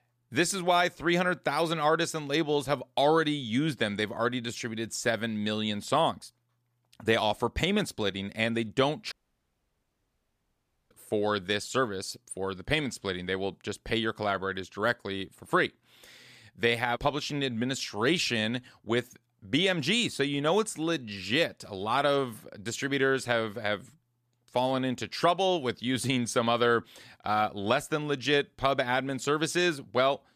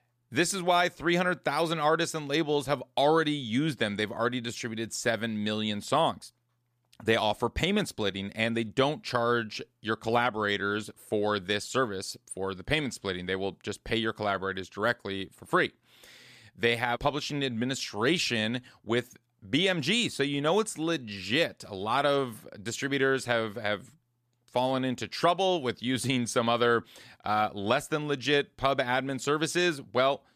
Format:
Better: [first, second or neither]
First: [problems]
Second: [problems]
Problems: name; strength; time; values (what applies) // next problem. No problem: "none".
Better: second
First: audio cutting out; at 9 s for 2 s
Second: none